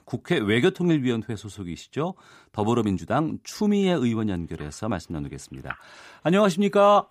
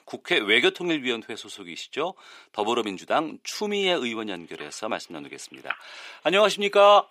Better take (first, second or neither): first